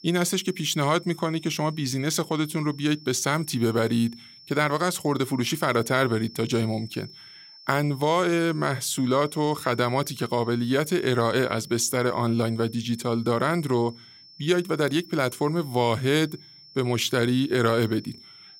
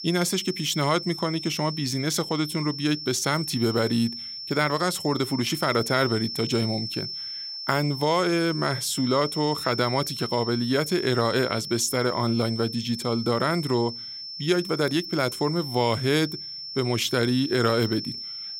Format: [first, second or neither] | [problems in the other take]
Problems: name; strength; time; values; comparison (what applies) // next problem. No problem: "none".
first | high-pitched whine; loud; throughout; 5.5 kHz, 7 dB below the speech; faint in the first